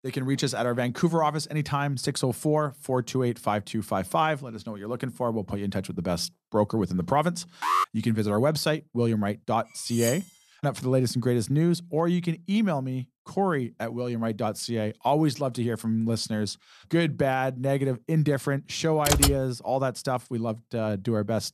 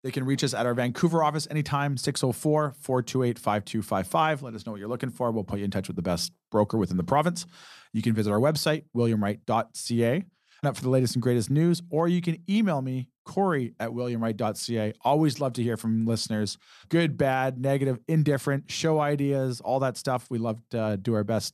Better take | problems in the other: second | alarm; loud; at 7.5 s; peak 2 dB above the speech // clattering dishes; noticeable; at 10 s; peak 6 dB below the speech // keyboard typing; loud; at 19 s; peak 5 dB above the speech

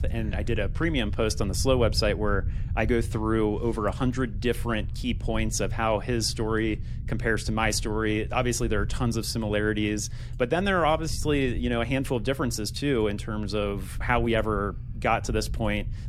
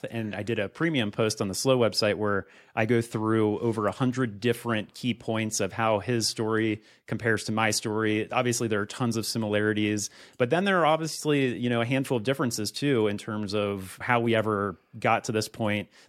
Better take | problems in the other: second | low rumble; faint; throughout; 20 dB below the speech

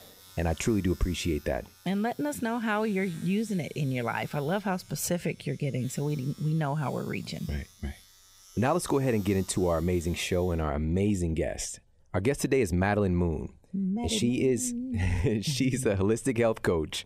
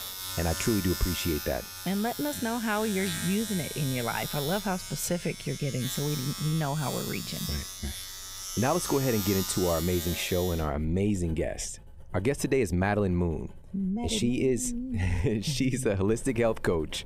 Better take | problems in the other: first | household noises; loud; throughout; 6 dB below the speech; faint in the first

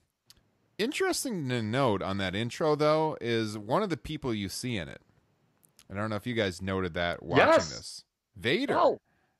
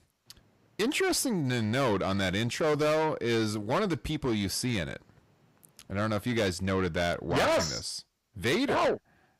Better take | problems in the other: first | distortion; heavy; 6 dB below the speech

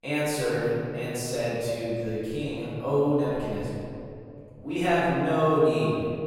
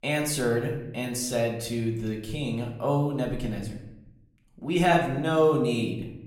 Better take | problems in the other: second | room echo; strong; dies away in 2.5 s; slight in the second // off-mic speech; far; somewhat distant in the second

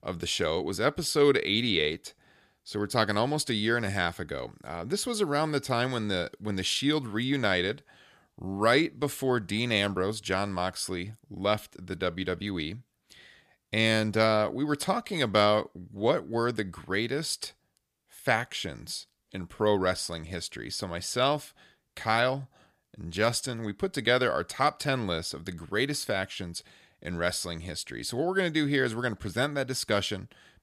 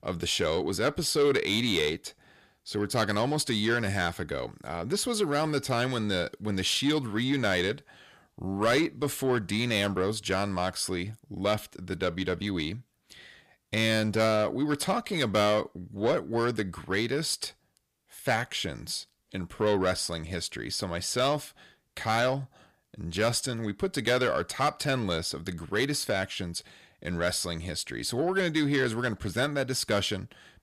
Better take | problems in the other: first | distortion; slight; 10 dB below the speech

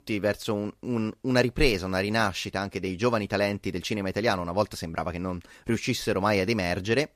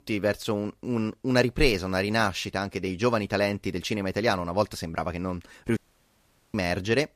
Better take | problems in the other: first | audio cutting out; at 6 s for 1 s

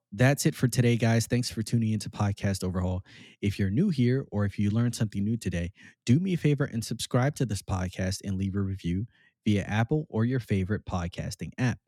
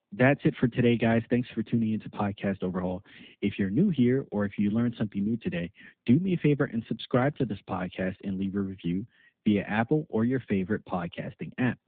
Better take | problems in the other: first | phone-call audio; nothing above 3.5 kHz

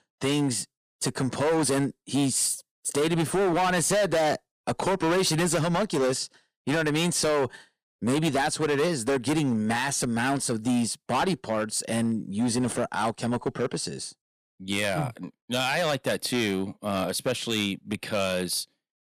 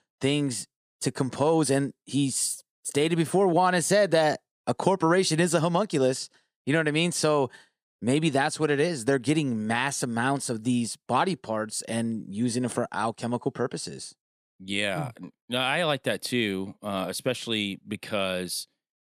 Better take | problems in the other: second | distortion; heavy; 13% of the sound clipped

